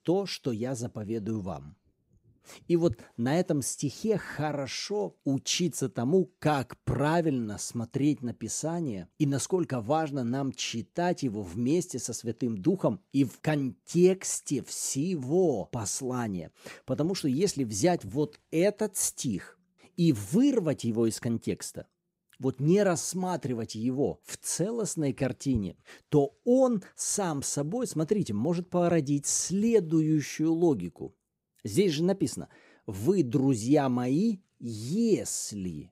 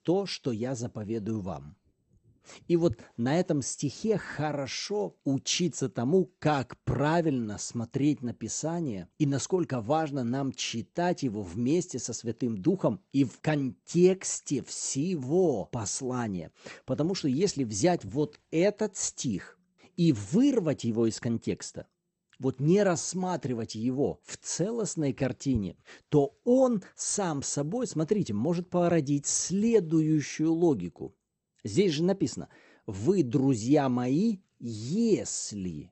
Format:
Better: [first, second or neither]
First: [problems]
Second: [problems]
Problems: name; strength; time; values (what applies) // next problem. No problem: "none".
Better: first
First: none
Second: garbled, watery; slightly; nothing above 8 kHz